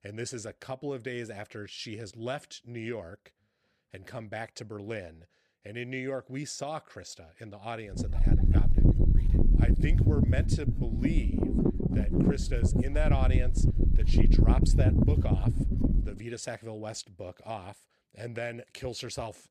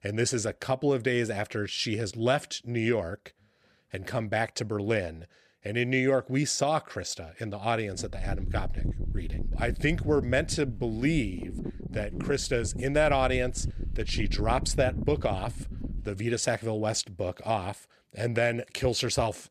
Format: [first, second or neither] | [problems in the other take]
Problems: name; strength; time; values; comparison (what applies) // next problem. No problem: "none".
second | wind noise on the microphone; heavy; from 8 to 16 s; 2 dB above the speech; occasional gusts in the second